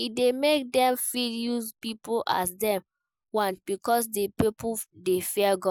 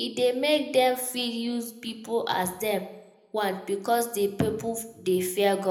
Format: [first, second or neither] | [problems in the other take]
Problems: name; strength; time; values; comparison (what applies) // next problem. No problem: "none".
first | room echo; dies away in 0.7 s